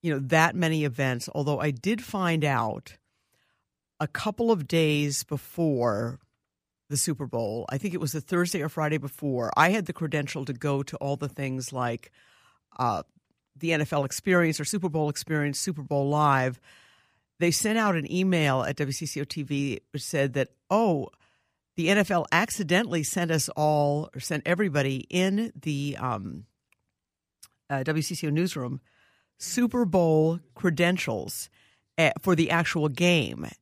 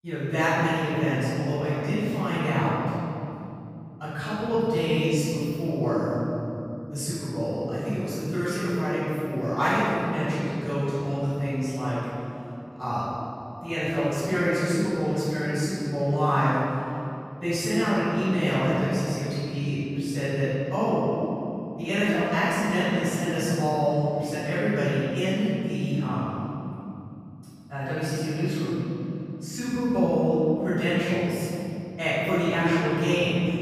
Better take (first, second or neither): first